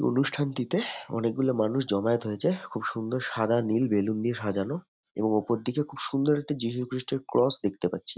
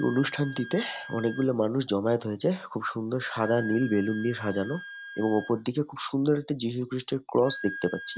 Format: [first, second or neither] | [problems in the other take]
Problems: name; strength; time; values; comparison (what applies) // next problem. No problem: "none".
first | background sound (Wind instrument, woodwind instrument); 15 dB below the speech